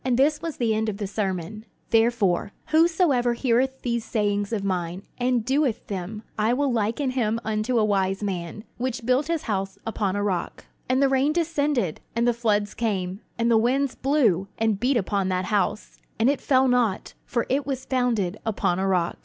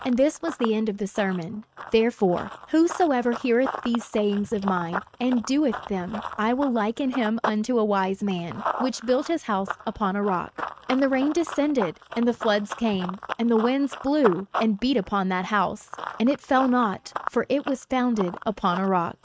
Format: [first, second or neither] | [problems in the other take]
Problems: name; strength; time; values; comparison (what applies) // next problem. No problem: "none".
first | noise reduction (neural mask model RNNoise)